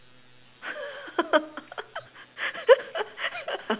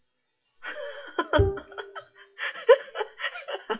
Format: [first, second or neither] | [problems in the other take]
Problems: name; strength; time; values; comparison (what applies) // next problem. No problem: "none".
first | noise reduction (classical method WPE with log-MMSE)